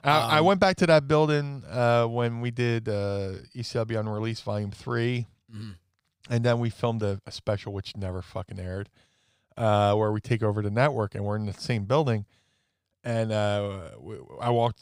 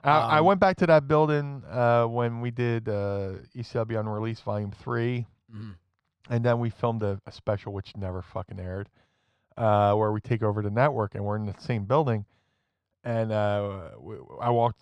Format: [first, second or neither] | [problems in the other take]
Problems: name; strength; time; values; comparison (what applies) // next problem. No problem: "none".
first | muffled; slightly; fading above 2 kHz